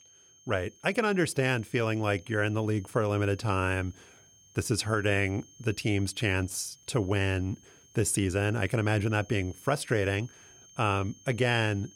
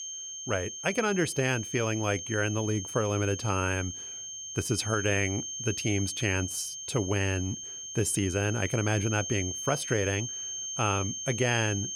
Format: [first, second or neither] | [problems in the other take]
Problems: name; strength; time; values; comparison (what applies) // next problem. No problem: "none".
first | high-pitched whine; loud; throughout; 6.5 kHz, 6 dB below the speech; faint in the first